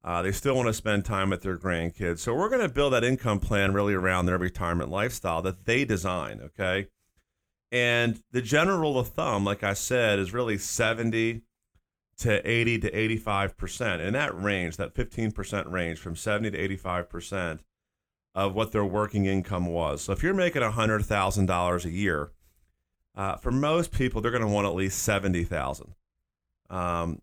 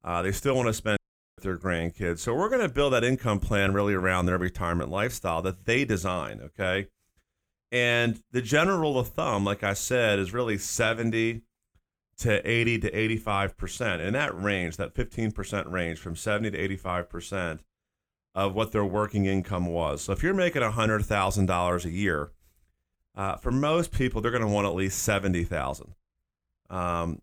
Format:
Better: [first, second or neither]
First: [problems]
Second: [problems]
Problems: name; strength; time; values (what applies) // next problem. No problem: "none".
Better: first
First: none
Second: audio cutting out; at 1 s